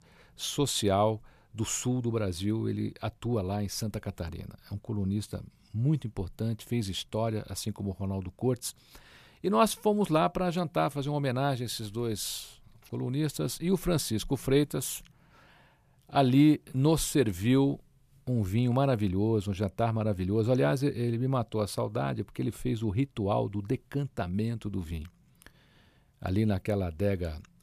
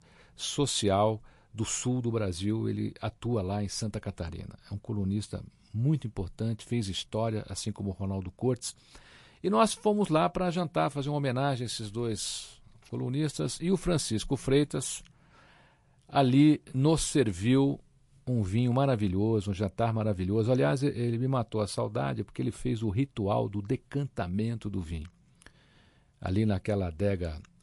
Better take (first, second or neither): first